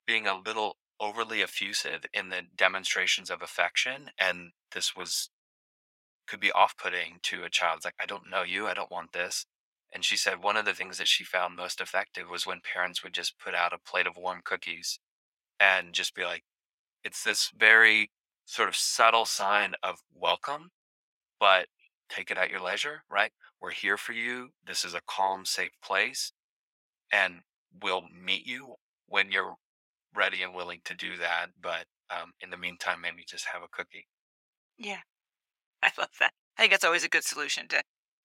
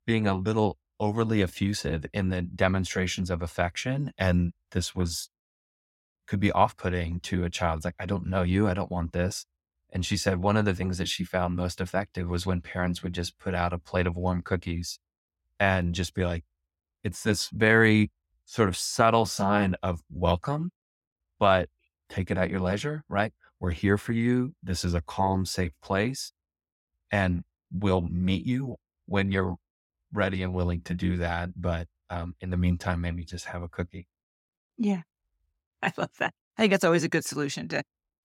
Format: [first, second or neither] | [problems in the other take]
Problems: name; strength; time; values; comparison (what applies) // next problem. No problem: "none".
second | thin; very; fading below 800 Hz